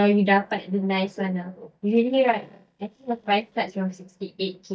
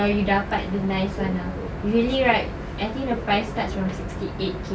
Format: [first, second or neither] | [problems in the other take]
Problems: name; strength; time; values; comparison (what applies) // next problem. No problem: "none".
second | noise reduction (neural mask model DeepFilterNet 3)